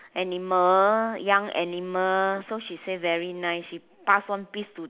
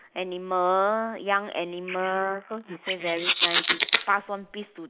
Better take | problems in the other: first | noise reduction (neural mask model Resemble Enhance denoiser)

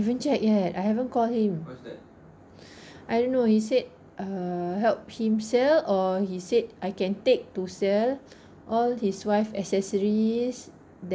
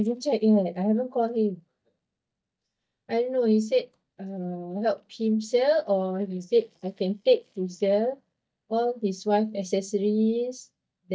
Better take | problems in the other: first | noise reduction (neural mask model DeepFilterNet 3)

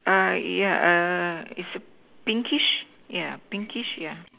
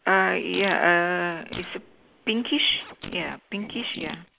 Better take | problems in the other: first | noise reduction (neural mask model Resemble Enhance denoiser)

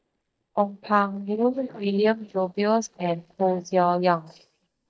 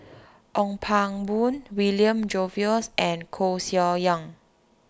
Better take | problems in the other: second | noise reduction (neural mask model DeepFilterNet 3)

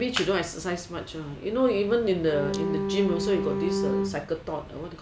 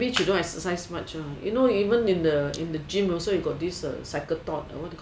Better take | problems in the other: second | background sound (Bowed string instrument); 1 dB below the speech

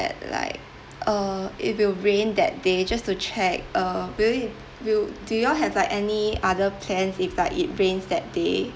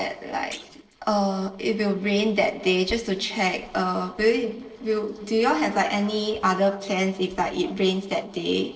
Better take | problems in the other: first | noise reduction (neural separator model SepFormer DNS4)

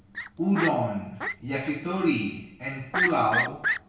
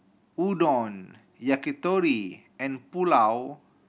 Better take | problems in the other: second | background sound (Fowl); 4 dB below the speech // room echo; dies away in 0.6 s

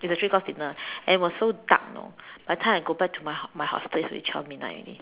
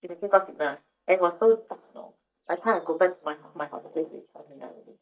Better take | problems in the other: first | noise reduction (neural mask model DeepFilterNet 3)

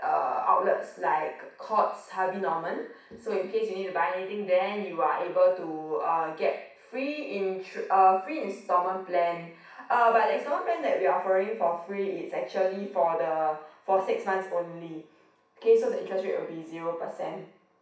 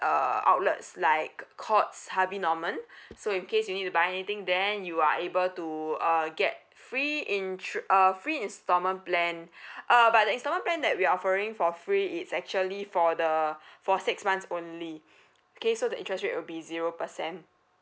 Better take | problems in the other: second | room echo; dies away in 0.6 s

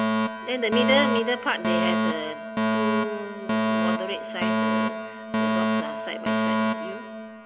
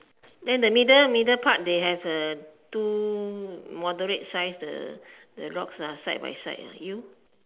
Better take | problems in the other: second | background sound (Alarm); 5 dB above the speech

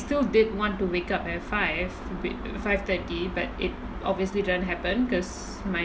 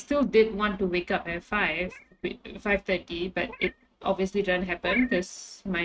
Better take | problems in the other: first | noise reduction (neural mask model RNNoise)

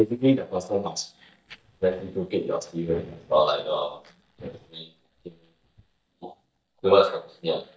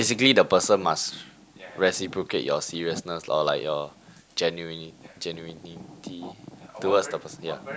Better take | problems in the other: second | noise reduction (neural mask model DeepFilterNet 3)

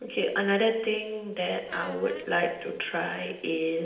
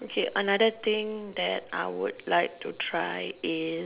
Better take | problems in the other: second | noise reduction (neural separator model SepFormer DNS4)

